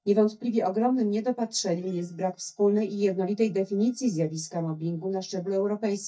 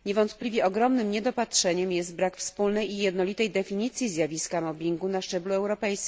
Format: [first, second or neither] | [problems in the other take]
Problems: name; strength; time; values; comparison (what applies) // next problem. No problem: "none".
second | noise reduction (neural mask model DeepFilterNet 3)